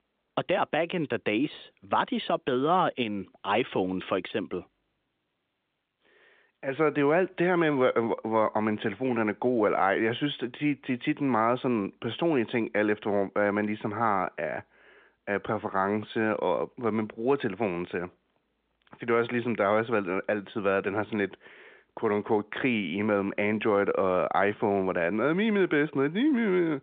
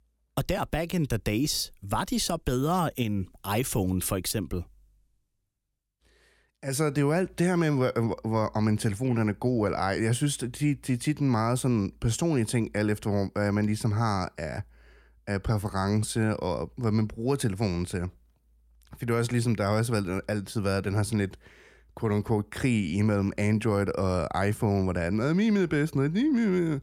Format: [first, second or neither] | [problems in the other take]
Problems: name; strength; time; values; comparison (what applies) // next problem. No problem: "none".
second | phone-call audio; nothing above 3.5 kHz